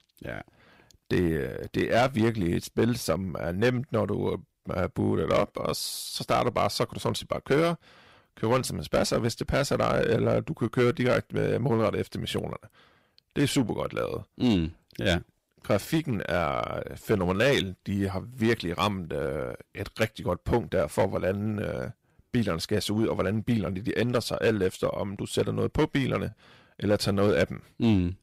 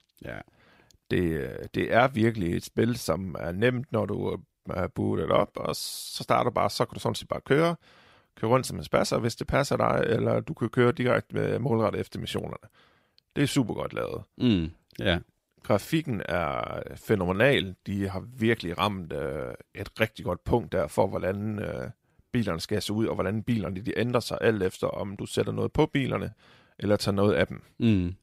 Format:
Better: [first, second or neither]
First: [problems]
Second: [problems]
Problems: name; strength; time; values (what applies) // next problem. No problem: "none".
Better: second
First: distortion; slight; 4% of the sound clipped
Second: none